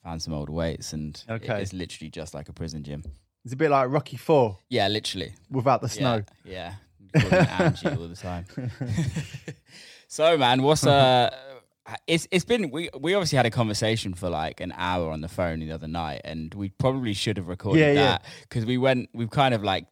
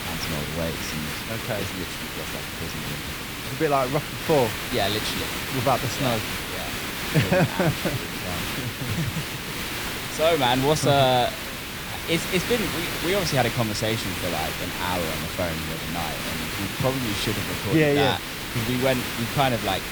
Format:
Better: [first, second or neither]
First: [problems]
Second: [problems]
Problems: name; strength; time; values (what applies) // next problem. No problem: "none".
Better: first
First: none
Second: hiss; loud; throughout; 3 dB below the speech